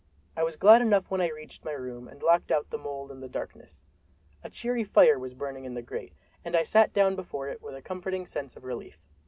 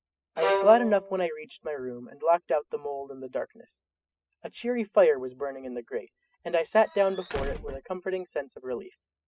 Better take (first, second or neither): first